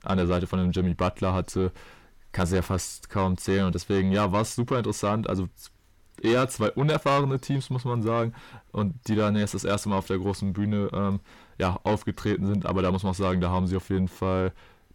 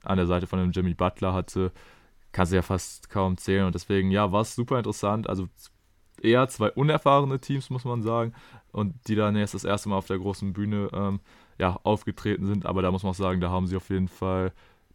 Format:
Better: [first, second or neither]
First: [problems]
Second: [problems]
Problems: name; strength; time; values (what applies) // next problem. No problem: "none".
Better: second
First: distortion; slight; 10 dB below the speech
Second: none